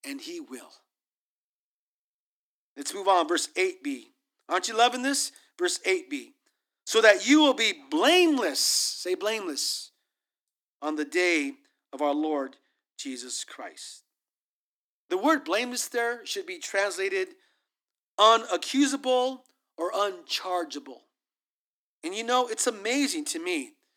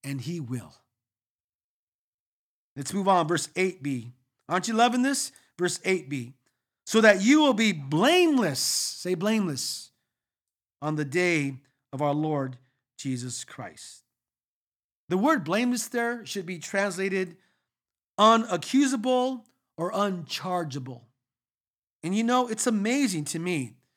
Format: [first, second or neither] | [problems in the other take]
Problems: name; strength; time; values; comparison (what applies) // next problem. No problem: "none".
second | thin; very slightly; fading below 300 Hz